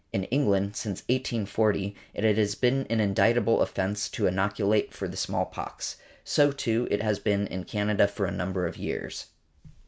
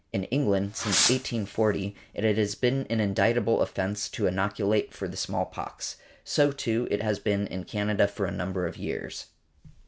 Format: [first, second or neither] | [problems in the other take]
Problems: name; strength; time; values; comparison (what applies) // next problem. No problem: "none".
first | background sound (Fireworks); 4 dB below the speech